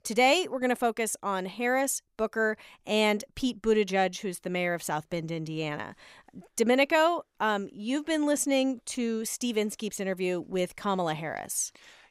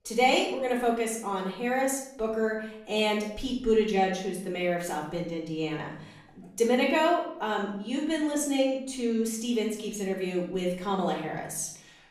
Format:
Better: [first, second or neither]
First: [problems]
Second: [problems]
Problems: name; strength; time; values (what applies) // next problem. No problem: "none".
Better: first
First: none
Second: room echo; noticeable; dies away in 0.6 s // off-mic speech; far